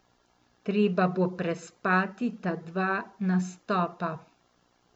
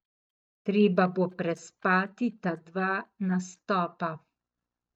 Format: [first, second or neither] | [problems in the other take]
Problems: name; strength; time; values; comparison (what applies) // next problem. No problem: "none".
first | noise reduction (neural mask model DeepFilterNet 3)